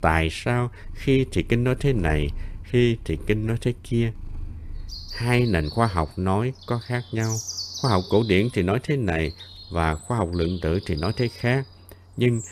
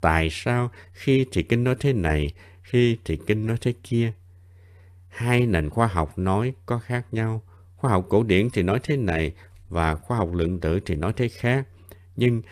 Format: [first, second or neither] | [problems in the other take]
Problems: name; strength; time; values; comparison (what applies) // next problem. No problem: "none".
second | animal sounds; noticeable; throughout; 15 dB below the speech